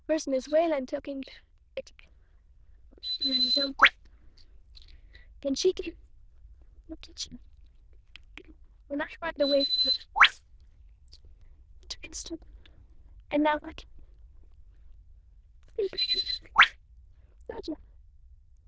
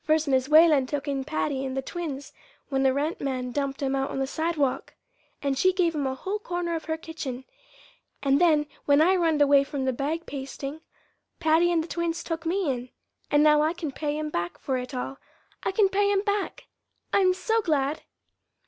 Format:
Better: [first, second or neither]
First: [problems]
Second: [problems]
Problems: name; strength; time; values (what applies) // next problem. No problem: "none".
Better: second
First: noise reduction (neural diffusion model UNIVERSE++)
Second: none